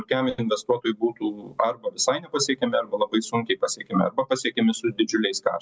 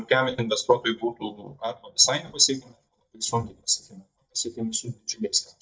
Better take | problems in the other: first | noise reduction (neural mask model DeepFilterNet 3)

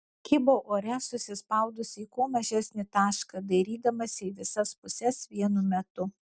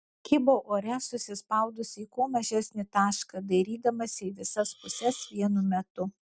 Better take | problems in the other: first | background sound (Hiss); 19 dB below the speech

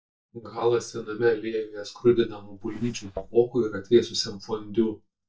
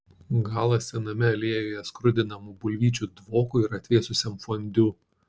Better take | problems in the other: second | noise reduction (neural mask model DeepFilterNet 3)

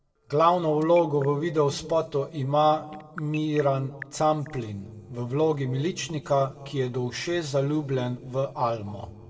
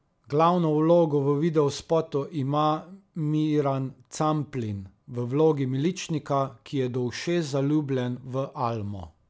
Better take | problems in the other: second | noise reduction (neural separator model SepFormer DNS4)

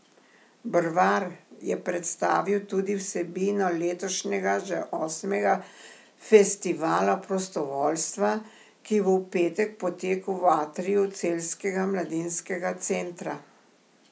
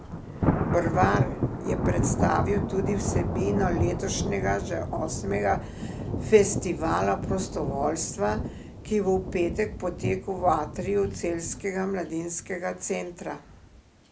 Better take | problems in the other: first | background sound (Thunder); 2 dB below the speech

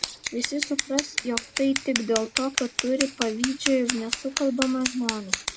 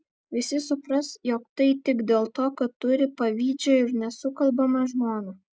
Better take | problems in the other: second | background sound (Scissors); 3 dB below the speech

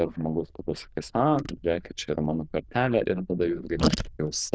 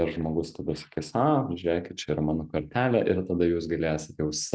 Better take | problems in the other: second | noise reduction (neural diffusion model UNIVERSE++)

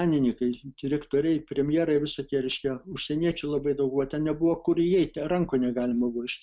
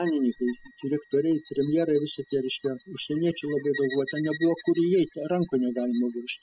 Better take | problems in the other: first | noise reduction (classical method spectral subtraction)

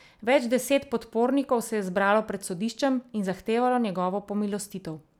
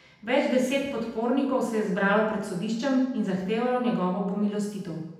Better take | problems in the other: first | room echo; dies away in 0.9 s

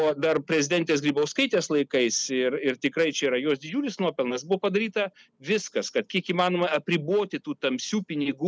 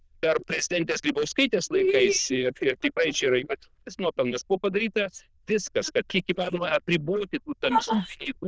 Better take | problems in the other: first | noise reduction (neural diffusion model UNIVERSE++)

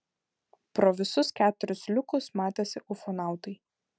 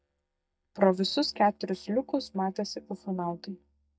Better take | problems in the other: first | noise reduction (neural mask model DeepFilterNet 3)

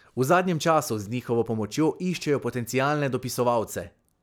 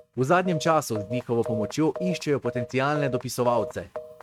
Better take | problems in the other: first | noise reduction (neural mask model RNNoise)

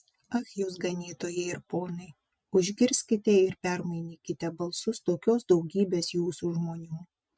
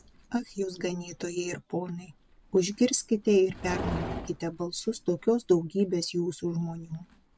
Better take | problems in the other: first | background sound (Livestock, farm animals, working animals); 13 dB below the speech

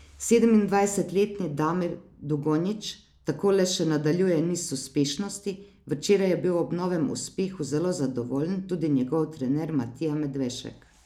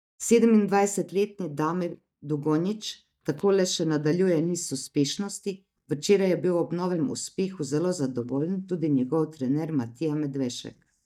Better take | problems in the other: first | noise reduction (neural mask model DeepFilterNet 3)

